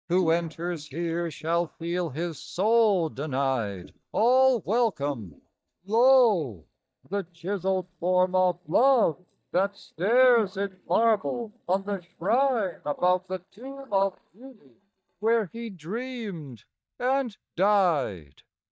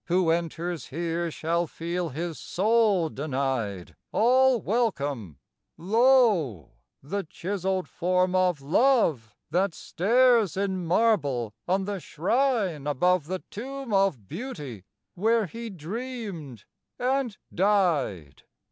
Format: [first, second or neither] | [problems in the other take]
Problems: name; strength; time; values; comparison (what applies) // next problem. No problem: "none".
second | noise reduction (neural mask model DeepFilterNet 3)